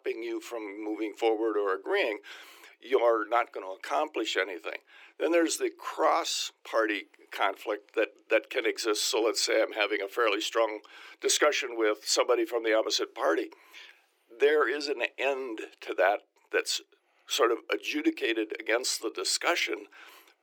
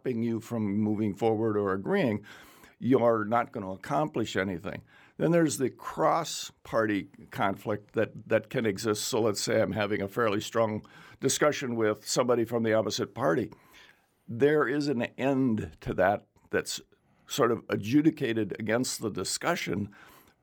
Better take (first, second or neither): second